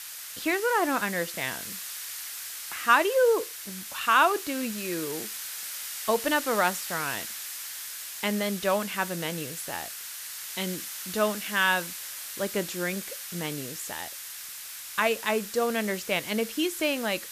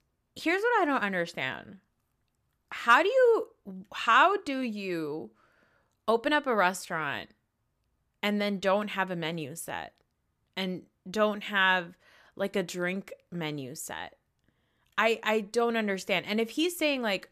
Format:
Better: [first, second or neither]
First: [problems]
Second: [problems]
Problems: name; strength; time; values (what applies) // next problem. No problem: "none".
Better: second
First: hiss; loud; throughout; 8 dB below the speech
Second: none